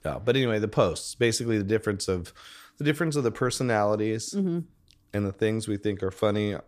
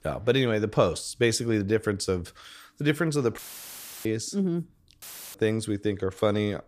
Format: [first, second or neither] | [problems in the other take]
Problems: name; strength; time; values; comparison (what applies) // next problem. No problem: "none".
first | audio cutting out; filled with static; at 3.5 s for 0.5 s and at 5 s